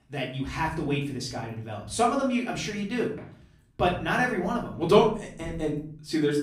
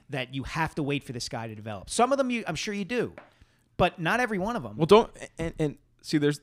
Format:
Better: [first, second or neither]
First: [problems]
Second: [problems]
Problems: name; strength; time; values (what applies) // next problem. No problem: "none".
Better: second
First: off-mic speech; far // room echo; slight; dies away in 0.5 s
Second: none